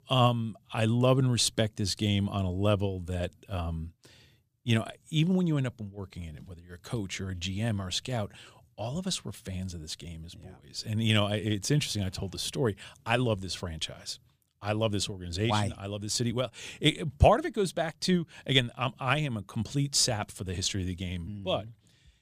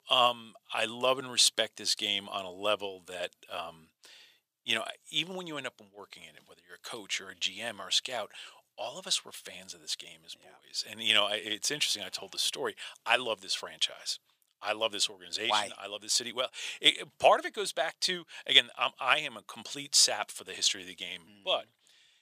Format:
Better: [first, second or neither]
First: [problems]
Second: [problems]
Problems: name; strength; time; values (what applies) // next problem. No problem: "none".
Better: first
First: none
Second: thin; very; fading below 650 Hz